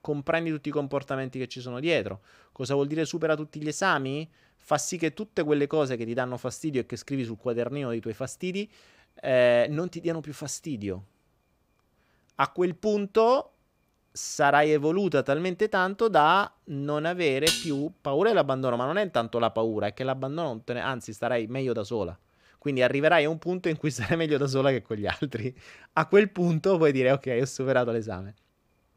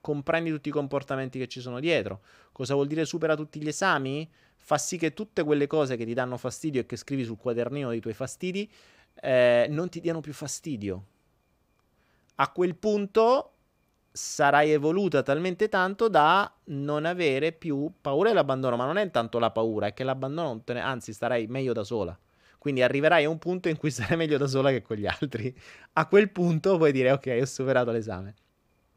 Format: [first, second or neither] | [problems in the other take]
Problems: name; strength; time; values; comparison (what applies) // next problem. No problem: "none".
second | clattering dishes; loud; at 17 s; peak 1 dB above the speech